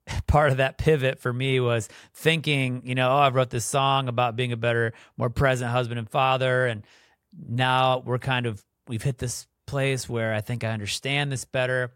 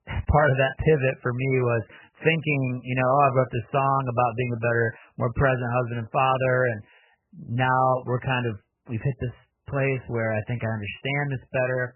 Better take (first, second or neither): first